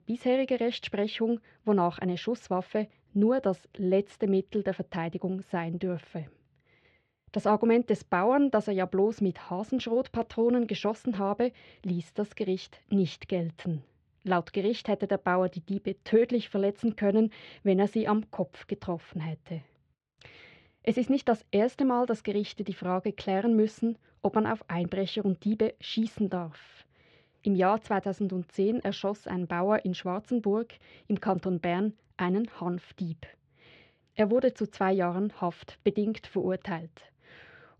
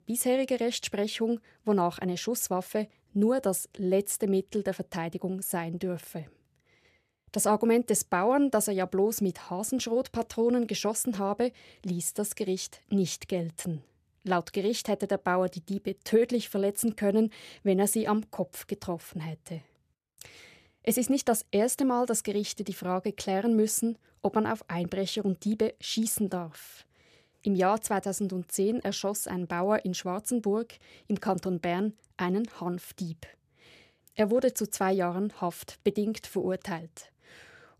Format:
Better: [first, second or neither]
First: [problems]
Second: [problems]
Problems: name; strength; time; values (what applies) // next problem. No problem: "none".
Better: second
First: muffled; slightly; fading above 4 kHz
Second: none